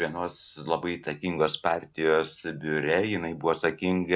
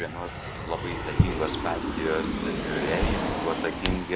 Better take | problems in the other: first | background sound (Drawer open or close + Aircraft); 3 dB above the speech

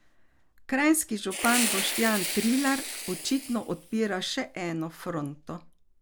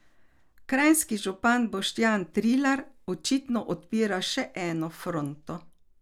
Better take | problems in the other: second | background sound (Fire); 4 dB below the speech

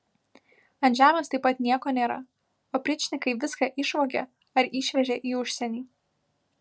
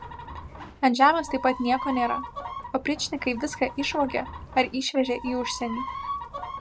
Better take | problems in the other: first | background sound (Chicken, rooster); 10 dB below the speech

